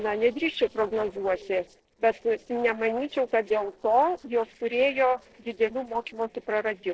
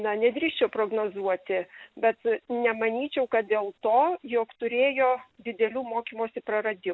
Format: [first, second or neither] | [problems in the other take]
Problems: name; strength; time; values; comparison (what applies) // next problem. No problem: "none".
second | noise reduction (neural separator model SepFormer DNS4)